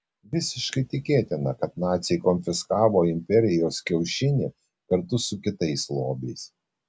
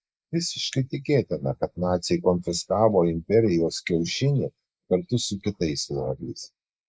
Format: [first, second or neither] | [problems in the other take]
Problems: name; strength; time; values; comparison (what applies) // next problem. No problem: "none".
first | noise reduction (neural mask model Resemble Enhance denoiser)